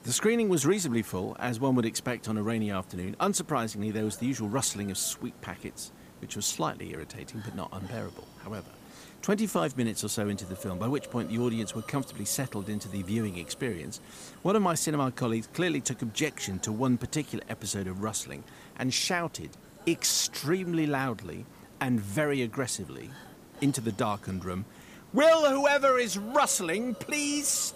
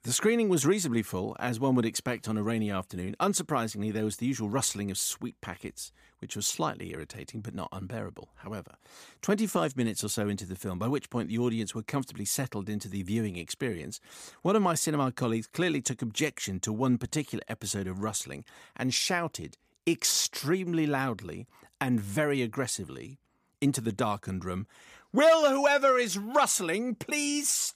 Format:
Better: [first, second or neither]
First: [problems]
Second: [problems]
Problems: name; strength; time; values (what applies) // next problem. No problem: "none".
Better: second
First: hiss; faint; throughout; 20 dB below the speech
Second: none